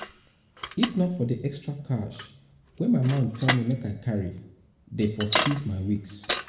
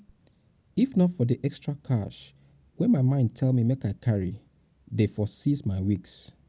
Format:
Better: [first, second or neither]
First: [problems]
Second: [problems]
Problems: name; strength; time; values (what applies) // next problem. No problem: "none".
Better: second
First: background sound (Bicycle); 7 dB below the speech // room echo; dies away in 0.6 s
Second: none